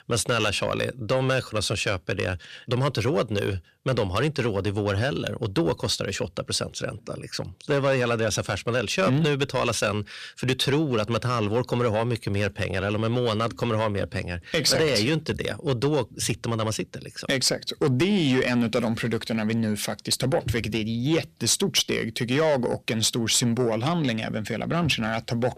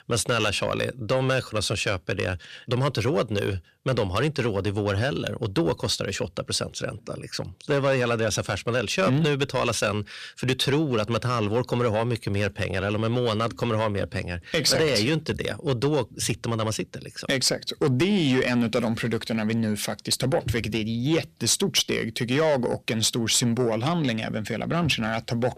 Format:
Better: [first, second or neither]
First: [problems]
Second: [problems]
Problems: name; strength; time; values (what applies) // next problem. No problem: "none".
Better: neither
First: distortion; slight; 10 dB below the speech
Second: distortion; slight; 10 dB below the speech